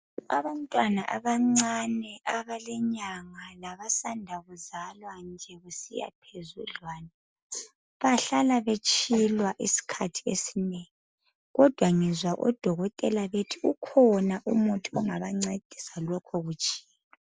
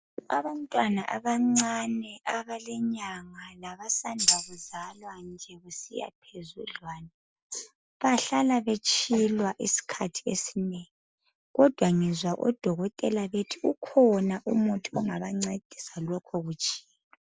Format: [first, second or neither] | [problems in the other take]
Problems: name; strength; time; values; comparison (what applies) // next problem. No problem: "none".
first | background sound (Tambourine); 2 dB below the speech